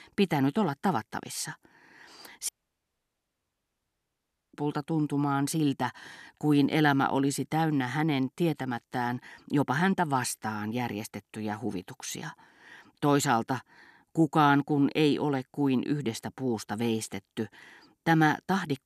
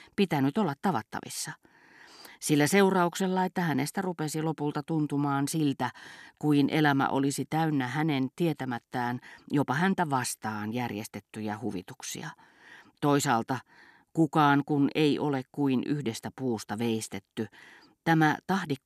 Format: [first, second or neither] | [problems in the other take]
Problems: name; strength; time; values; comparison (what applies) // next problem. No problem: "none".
second | audio cutting out; at 2.5 s for 2 s